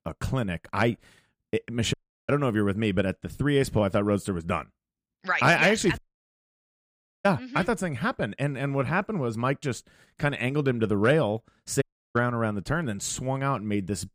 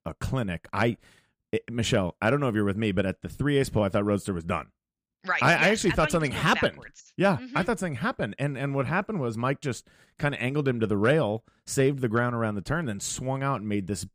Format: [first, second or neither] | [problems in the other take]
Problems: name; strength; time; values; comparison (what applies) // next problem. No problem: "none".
second | audio cutting out; at 2 s, at 6 s for 1.5 s and at 12 s